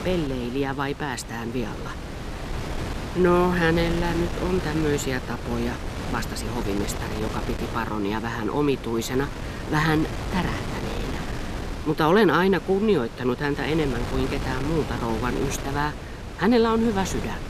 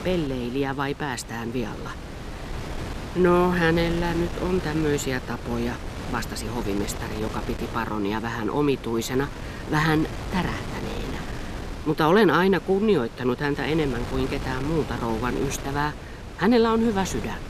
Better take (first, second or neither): second